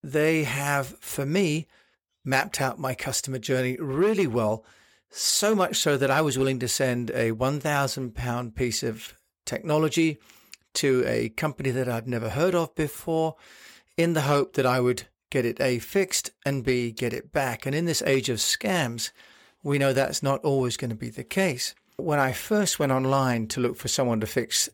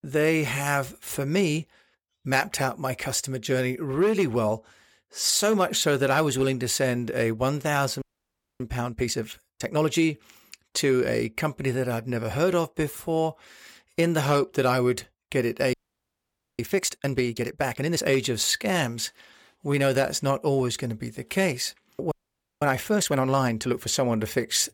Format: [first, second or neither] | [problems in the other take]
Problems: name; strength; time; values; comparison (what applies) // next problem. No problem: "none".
first | audio freezing; at 8 s for 0.5 s, at 16 s for 1 s and at 22 s